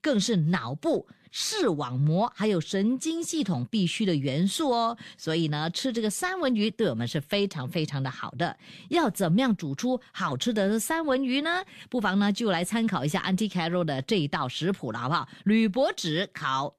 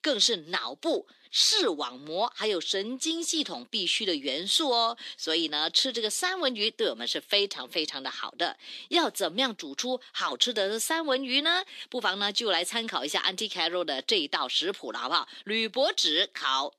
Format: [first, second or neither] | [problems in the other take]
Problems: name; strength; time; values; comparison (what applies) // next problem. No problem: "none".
first | thin; somewhat; fading below 300 Hz